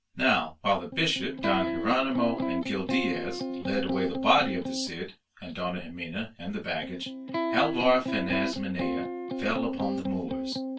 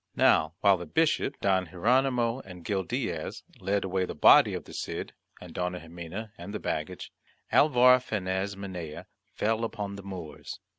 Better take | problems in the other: second | background sound (Electric guitar); 2 dB below the speech // room echo; dies away in 0.1 s

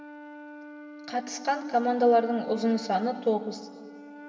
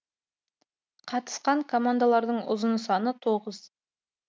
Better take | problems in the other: second | background sound (Wind instrument, woodwind instrument); 16 dB below the speech // room echo; dies away in 2 s

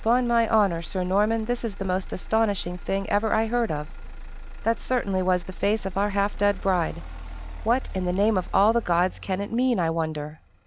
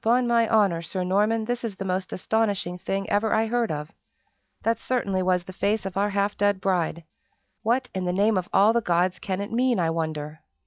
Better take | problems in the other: second | background sound (Motor vehicle (road)); 10 dB below the speech

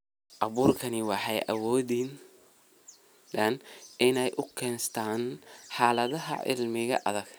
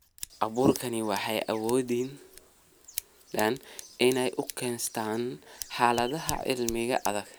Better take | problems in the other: first | background sound (Scissors); 15 dB below the speech

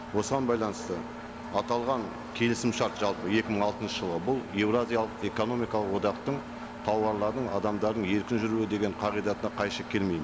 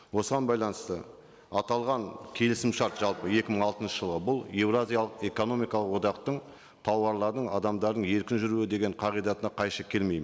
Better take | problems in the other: second | background sound (Engine); 11 dB below the speech

